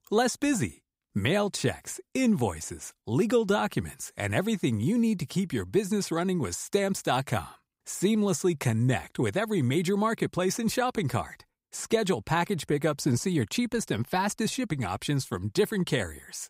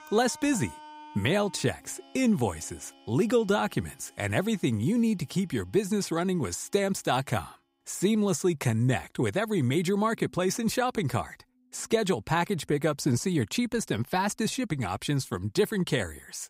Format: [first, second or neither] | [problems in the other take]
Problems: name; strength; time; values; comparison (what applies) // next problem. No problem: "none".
first | background music; faint; throughout; 25 dB below the speech